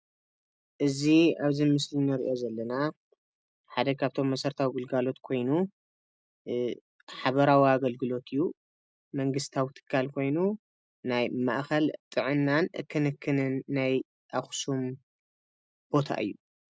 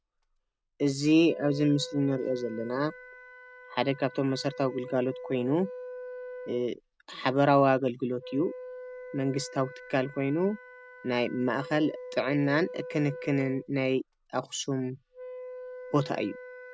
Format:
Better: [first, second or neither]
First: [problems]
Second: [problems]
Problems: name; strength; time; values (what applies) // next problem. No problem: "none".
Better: first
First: none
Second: background sound (Wind instrument, woodwind instrument); 14 dB below the speech